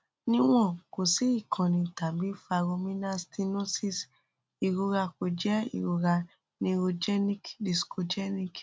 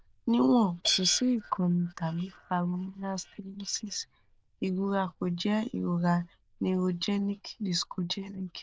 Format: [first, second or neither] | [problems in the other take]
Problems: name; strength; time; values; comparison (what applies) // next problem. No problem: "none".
first | noise reduction (neural diffusion model UNIVERSE++)